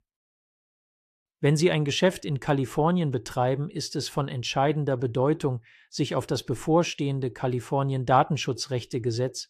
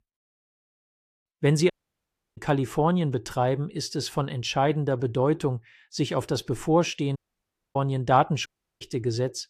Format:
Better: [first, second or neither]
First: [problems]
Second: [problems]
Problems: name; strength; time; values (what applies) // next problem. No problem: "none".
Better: first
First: none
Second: audio cutting out; at 1.5 s for 0.5 s, at 7 s for 0.5 s and at 8.5 s